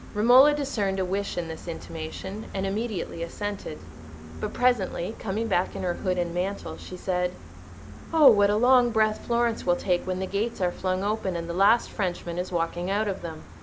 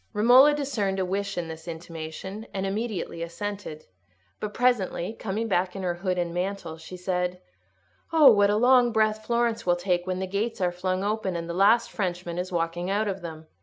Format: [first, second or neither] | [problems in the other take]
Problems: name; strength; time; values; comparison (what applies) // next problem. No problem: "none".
second | background sound (Gull, seagull); 14 dB below the speech